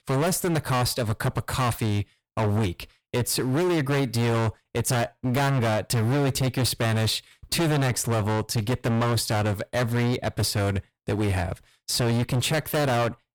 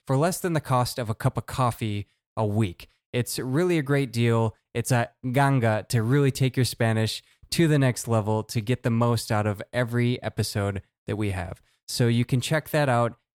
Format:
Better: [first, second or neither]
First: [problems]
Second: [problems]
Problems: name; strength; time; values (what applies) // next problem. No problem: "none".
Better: second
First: distortion; heavy; 29% of the sound clipped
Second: none